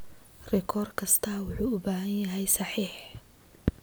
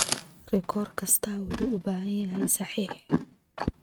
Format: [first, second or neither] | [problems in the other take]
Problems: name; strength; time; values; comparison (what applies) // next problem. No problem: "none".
first | noise reduction (neural mask model RNNoise)